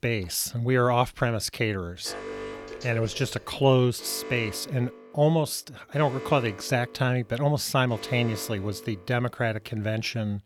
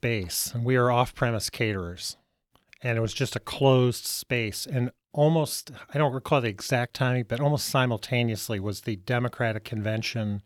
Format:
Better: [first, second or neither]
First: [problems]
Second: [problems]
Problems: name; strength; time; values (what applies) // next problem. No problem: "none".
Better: second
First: alarm; noticeable; from 2 to 9 s; peak 9 dB below the speech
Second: none